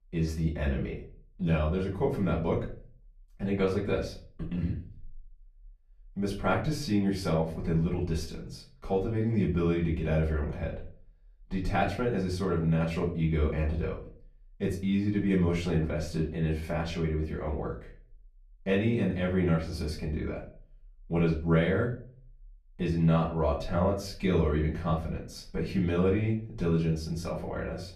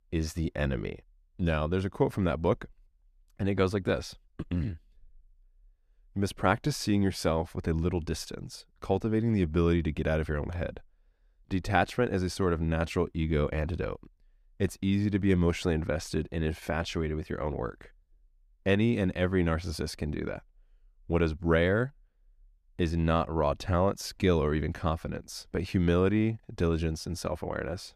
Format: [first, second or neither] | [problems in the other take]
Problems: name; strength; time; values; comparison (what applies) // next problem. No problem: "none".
second | room echo; slight; dies away in 0.4 s // off-mic speech; far